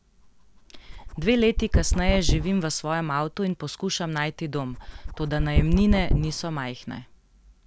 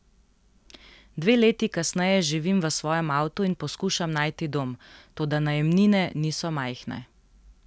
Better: second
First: background sound (Dog); 1 dB below the speech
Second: none

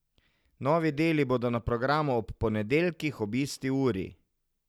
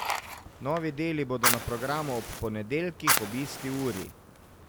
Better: first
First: none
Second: background sound (Fire); as loud as the speech

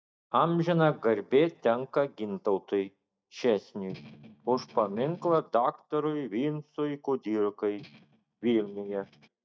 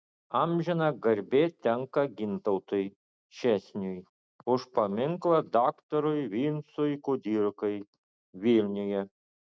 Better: second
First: noise reduction (neural mask model DeepFilterNet 3)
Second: none

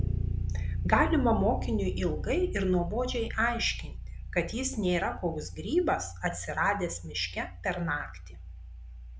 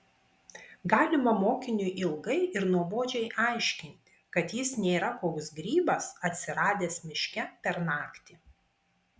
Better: second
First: background sound (Bass guitar); 4 dB below the speech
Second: none

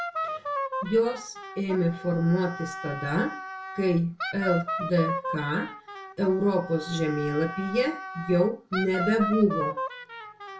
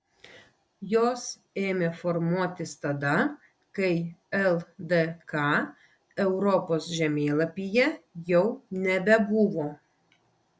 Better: second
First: background sound (Wind instrument, woodwind instrument); 7 dB below the speech // room echo; dies away in 0.2 s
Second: none

